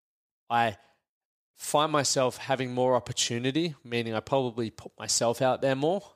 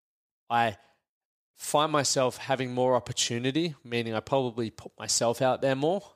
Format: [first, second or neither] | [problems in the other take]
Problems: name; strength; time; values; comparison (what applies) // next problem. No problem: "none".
neither | none